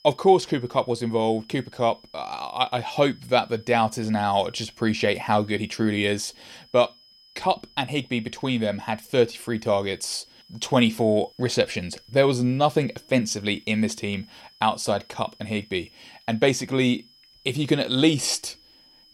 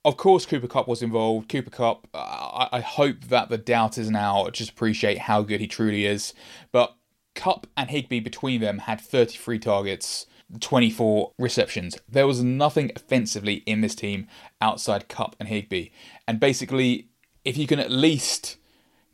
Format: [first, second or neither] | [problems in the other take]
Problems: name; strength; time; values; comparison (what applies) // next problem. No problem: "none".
second | high-pitched whine; faint; throughout; 5 kHz, 30 dB below the speech